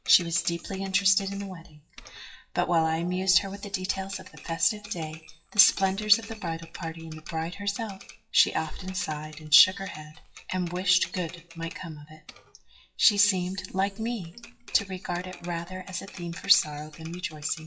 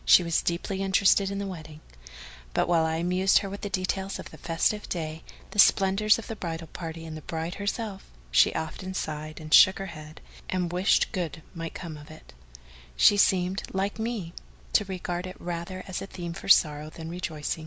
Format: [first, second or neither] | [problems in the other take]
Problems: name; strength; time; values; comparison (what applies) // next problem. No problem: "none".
second | noise reduction (classical method WPE with log-MMSE)